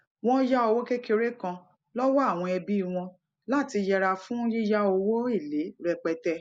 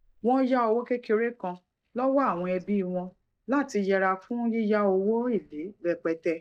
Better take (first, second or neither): first